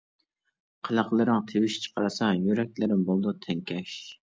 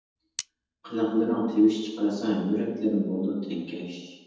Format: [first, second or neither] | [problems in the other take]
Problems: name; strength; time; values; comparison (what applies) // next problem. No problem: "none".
first | background sound (Cutlery, silverware); 17 dB below the speech // room echo; dies away in 1.1 s